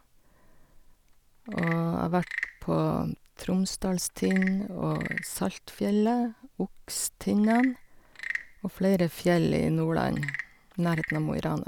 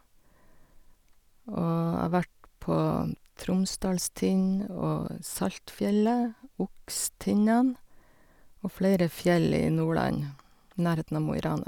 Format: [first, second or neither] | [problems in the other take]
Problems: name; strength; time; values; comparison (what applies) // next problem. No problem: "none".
second | background sound (Wood / Percussion / Frog); 14 dB below the speech